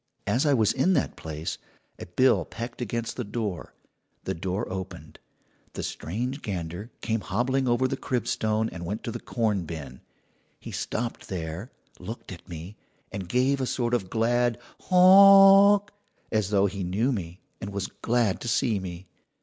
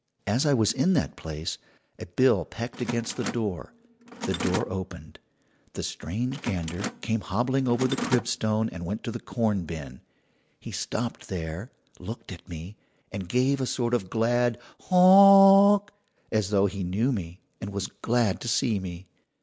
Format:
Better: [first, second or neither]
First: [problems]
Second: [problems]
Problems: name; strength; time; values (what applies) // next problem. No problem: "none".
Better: first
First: none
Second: background sound (Mechanisms); 11 dB below the speech